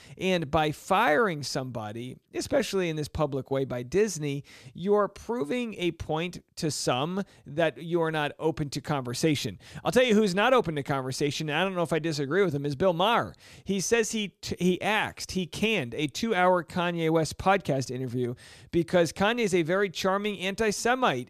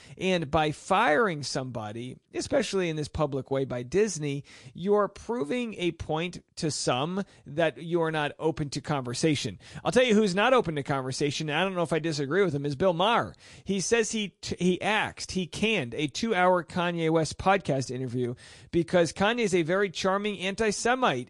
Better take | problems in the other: first | garbled, watery; slightly

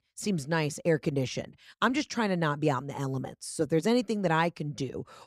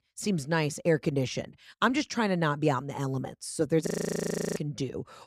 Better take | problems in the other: first | audio freezing; at 4 s for 0.5 s

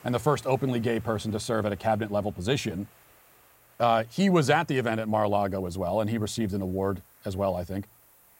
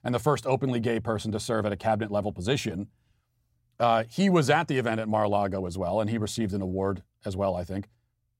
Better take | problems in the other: second | hiss; faint; throughout; 30 dB below the speech

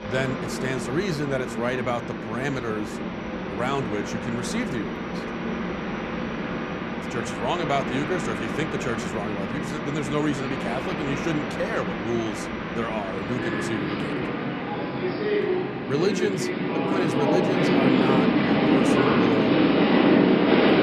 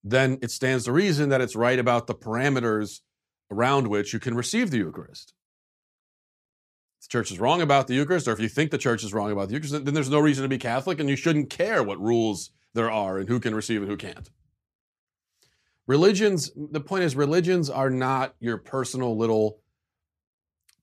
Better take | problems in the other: second | train or aircraft noise; very loud; throughout; 4 dB above the speech

